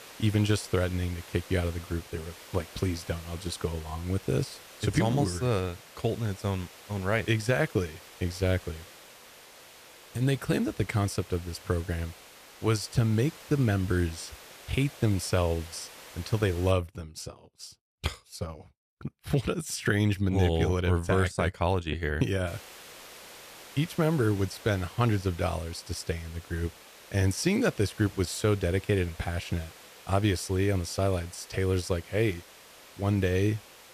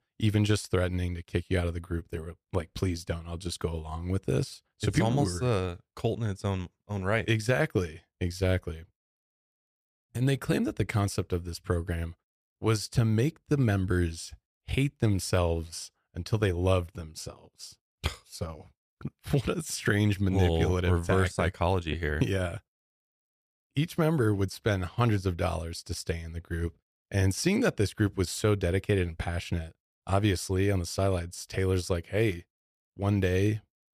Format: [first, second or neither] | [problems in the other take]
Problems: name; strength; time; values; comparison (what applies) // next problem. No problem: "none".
second | hiss; noticeable; until 17 s and from 22 s on; 20 dB below the speech